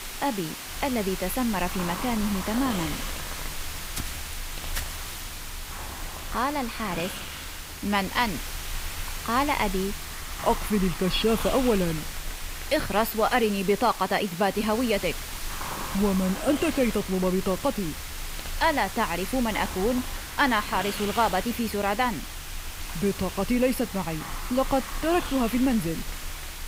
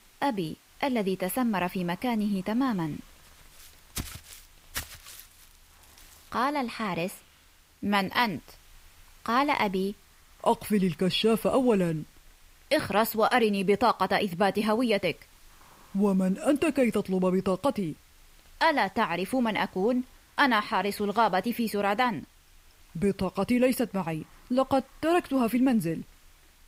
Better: second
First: hiss; loud; throughout; 8 dB below the speech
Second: hiss; faint; throughout; 30 dB below the speech

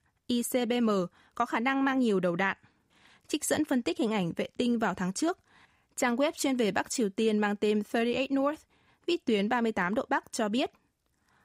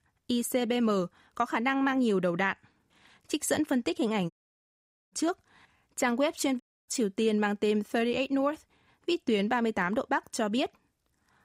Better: first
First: none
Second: audio cutting out; at 4.5 s for 1 s and at 6.5 s

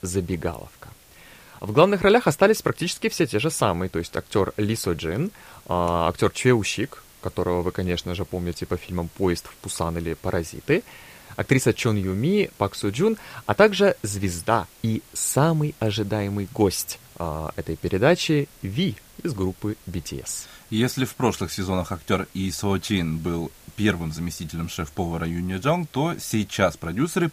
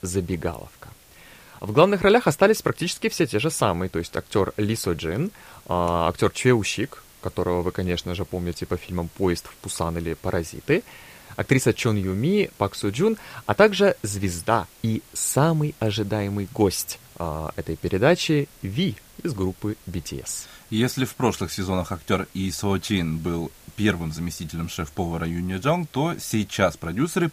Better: neither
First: hiss; faint; throughout; 25 dB below the speech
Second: hiss; faint; throughout; 25 dB below the speech

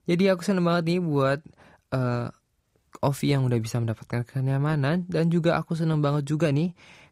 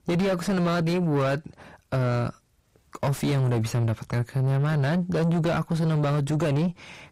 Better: first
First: none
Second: distortion; heavy; 7 dB below the speech

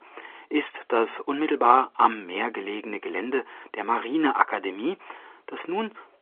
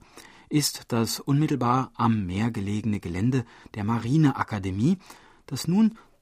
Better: second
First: phone-call audio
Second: none

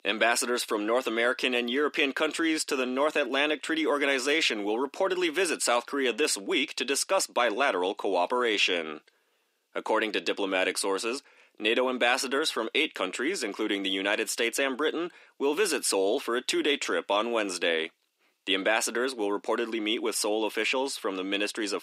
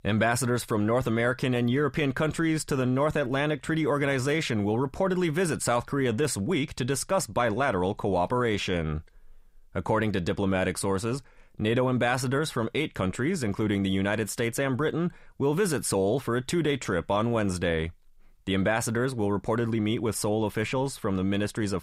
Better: second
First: thin; somewhat; fading below 250 Hz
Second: none

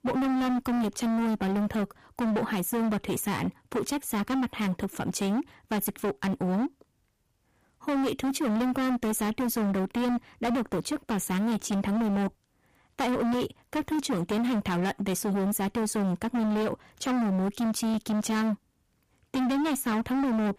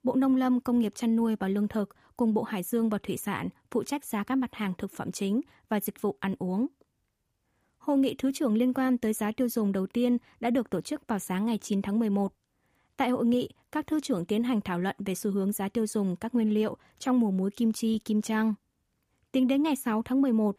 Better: second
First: distortion; heavy; 32% of the sound clipped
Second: none

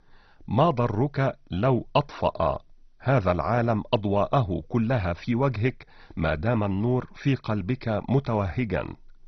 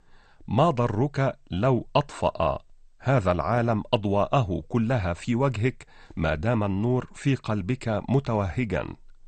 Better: second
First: garbled, watery; badly; nothing above 6 kHz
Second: garbled, watery; slightly; nothing above 8.5 kHz

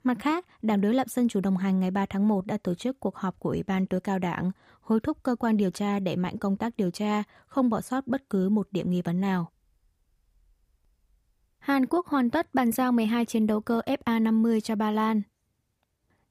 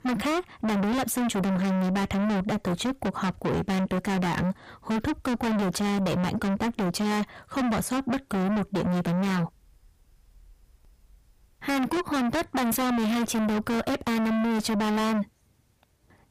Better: first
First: none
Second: distortion; heavy; 5 dB below the speech

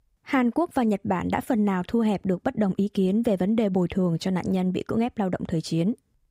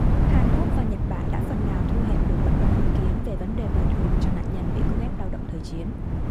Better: first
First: none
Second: wind noise on the microphone; heavy; 4 dB above the speech

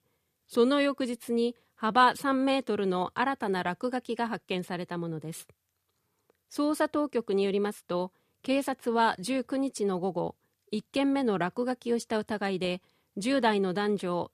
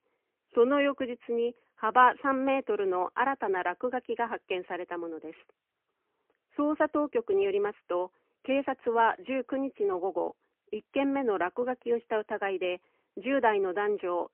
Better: first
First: none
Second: phone-call audio; poor line; nothing above 3 kHz

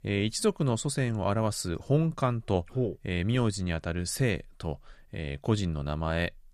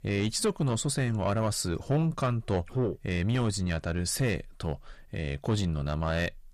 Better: first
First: none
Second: distortion; slight; 10 dB below the speech

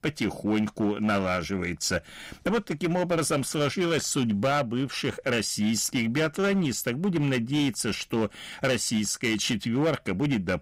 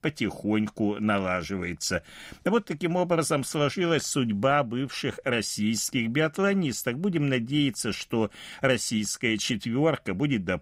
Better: second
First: distortion; slight; 10% of the sound clipped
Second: none

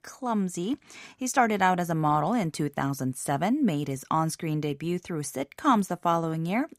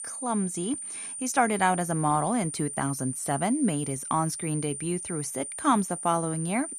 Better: first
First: none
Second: high-pitched whine; loud; throughout; 9 kHz, 6 dB below the speech

